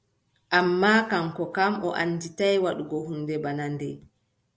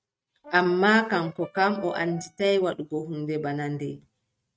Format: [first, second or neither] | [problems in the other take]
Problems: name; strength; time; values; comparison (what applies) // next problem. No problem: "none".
first | noise reduction (neural mask model RNNoise)